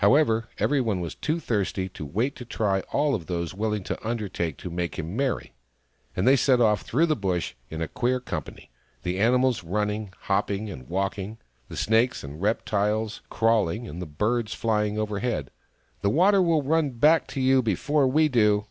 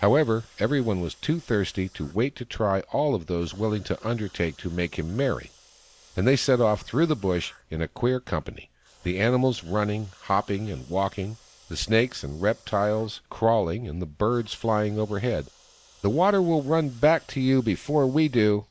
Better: first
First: none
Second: noise reduction (neural mask model Resemble Enhance denoiser)

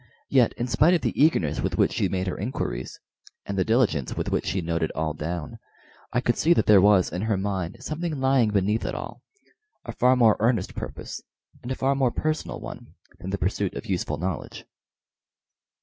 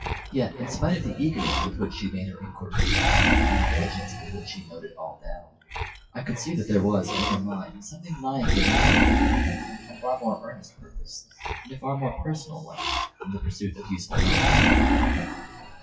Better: first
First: none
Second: noise reduction (classical method WPE with log-MMSE)

